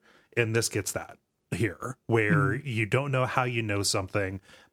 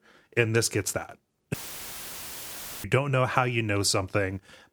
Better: first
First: none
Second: audio cutting out; filled with static; at 1.5 s for 1.5 s

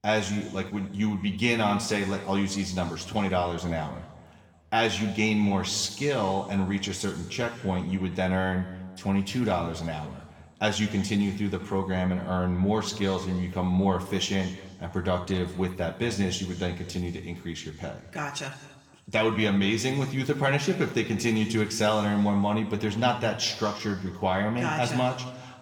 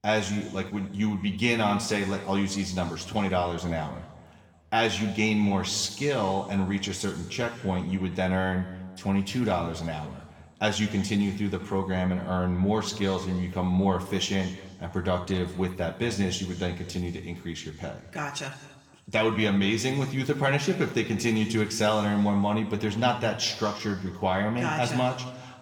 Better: neither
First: room echo; slight; dies away in 1.6 s // off-mic speech; somewhat distant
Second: room echo; slight; dies away in 1.6 s // off-mic speech; somewhat distant

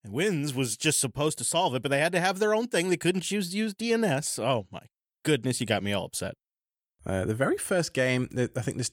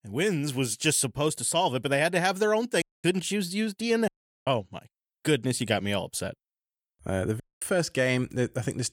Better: first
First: none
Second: audio cutting out; at 3 s, at 4 s and at 7.5 s

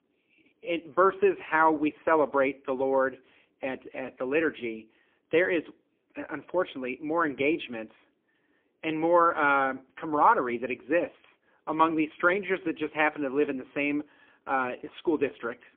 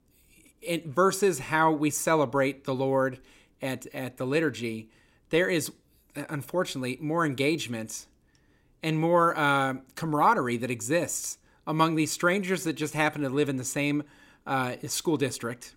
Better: second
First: phone-call audio; poor line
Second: none

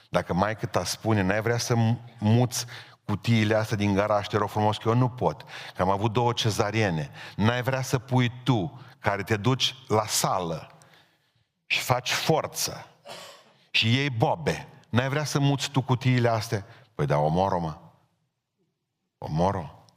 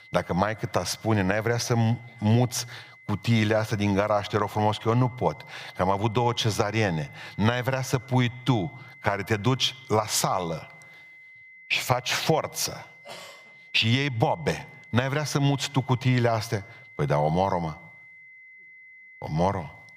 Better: first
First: none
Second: high-pitched whine; faint; throughout; 2 kHz, 20 dB below the speech

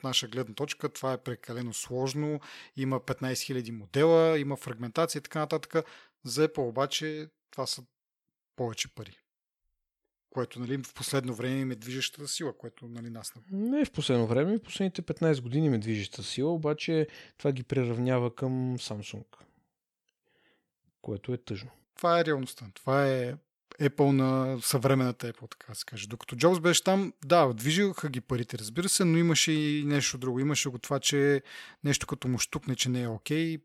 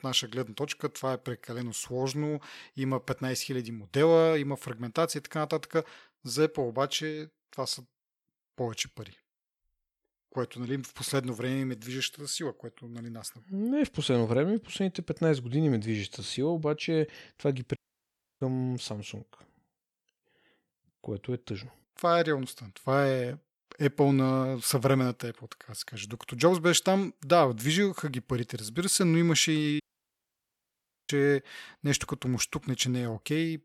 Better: first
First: none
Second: audio cutting out; at 18 s for 0.5 s and at 30 s for 1.5 s

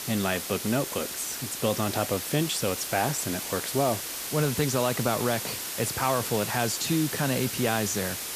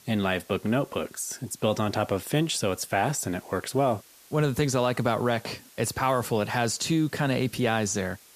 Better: second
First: hiss; loud; throughout; 4 dB below the speech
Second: hiss; faint; throughout; 25 dB below the speech

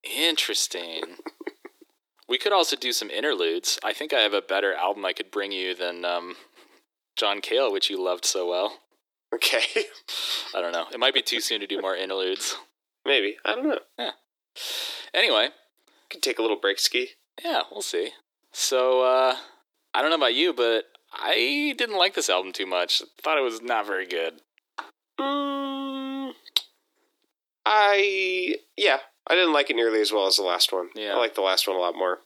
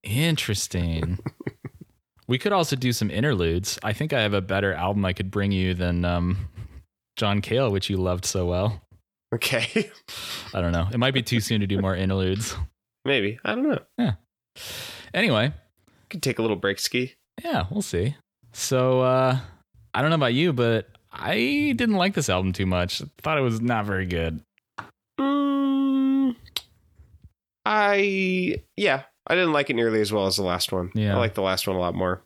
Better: second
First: thin; very; fading below 300 Hz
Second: none

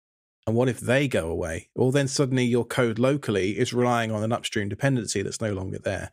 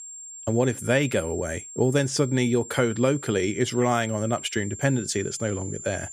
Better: first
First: none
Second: high-pitched whine; noticeable; throughout; 7.5 kHz, 15 dB below the speech

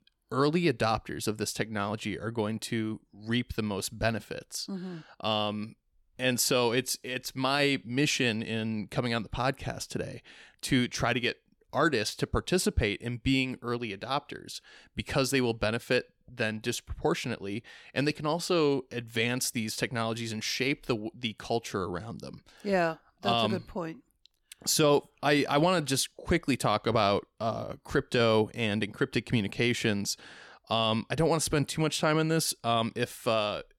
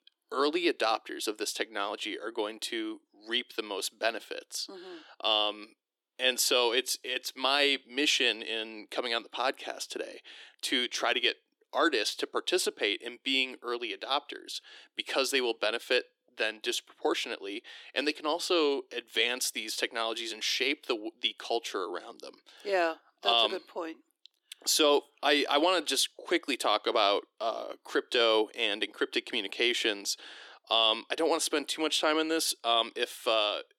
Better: first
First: none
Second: thin; somewhat; fading below 300 Hz

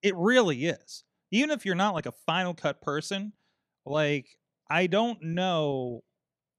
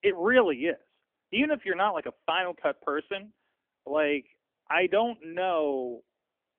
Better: first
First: none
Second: phone-call audio; nothing above 3.5 kHz

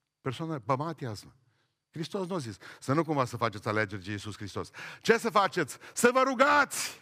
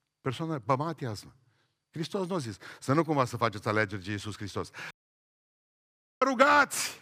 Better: first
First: none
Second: audio cutting out; at 5 s for 1.5 s

